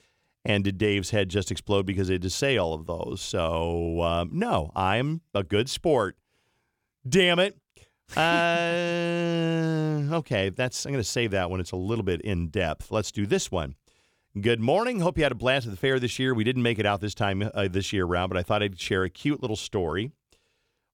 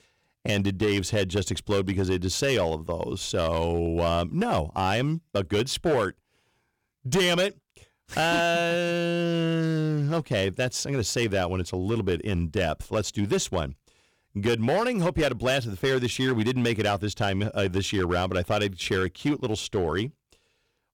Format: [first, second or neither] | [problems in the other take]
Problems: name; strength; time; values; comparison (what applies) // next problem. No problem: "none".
first | distortion; slight; 7% of the sound clipped